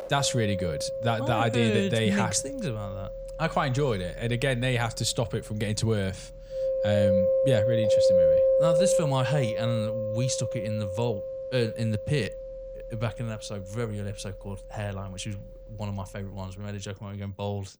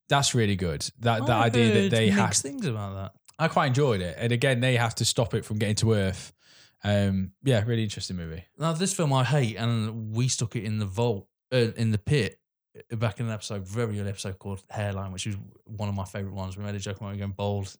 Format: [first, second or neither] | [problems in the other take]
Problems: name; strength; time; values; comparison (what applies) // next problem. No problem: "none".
second | background music; very loud; throughout; 2 dB above the speech